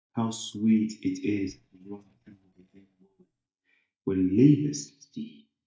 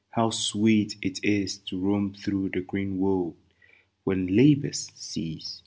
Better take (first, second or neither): second